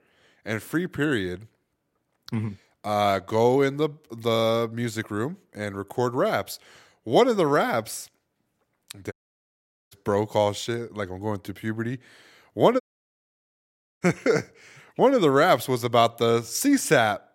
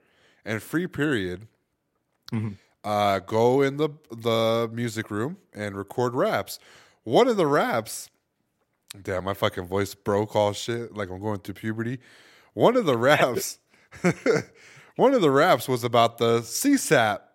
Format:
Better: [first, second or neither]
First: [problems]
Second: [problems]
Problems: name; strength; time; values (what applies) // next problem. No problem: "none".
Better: second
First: audio cutting out; at 9 s for 1 s and at 13 s for 1 s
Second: none